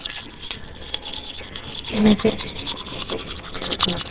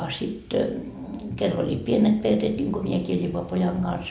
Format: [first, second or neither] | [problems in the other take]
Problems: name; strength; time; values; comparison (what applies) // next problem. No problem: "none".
second | noise reduction (neural separator model SepFormer WHAMR!)